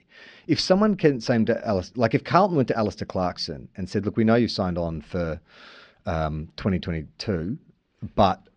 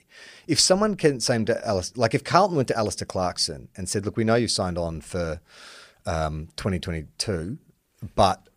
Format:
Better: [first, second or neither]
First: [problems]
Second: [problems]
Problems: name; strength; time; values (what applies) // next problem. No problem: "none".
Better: second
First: muffled; very slightly; fading above 4.5 kHz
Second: none